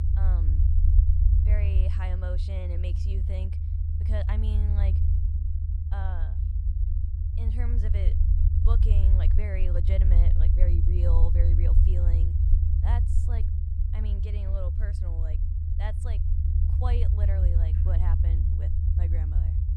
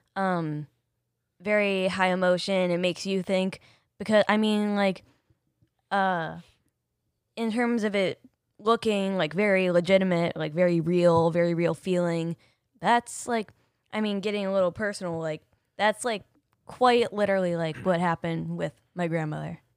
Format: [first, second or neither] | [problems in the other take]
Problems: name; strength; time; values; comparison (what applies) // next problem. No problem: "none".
second | low rumble; loud; throughout; as loud as the speech